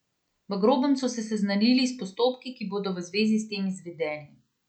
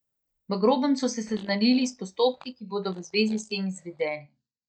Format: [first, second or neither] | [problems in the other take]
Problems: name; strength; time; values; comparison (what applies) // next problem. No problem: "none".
first | noise reduction (neural mask model DeepFilterNet 3)